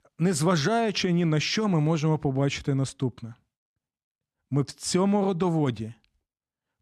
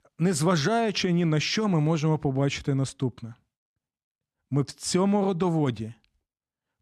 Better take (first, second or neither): neither